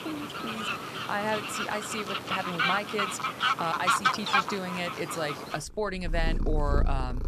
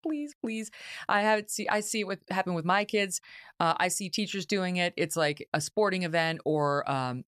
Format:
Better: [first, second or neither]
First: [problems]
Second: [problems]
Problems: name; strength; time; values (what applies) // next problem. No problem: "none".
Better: second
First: animal sounds; very loud; throughout; 3 dB above the speech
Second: none